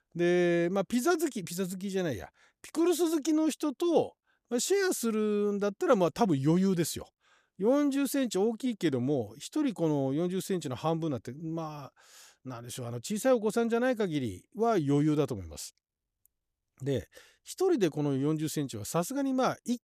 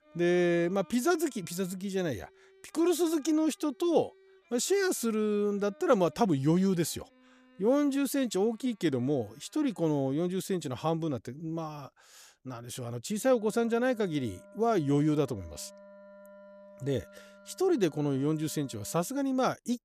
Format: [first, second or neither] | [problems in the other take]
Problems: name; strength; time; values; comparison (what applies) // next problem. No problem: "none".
first | background music; faint; throughout; 25 dB below the speech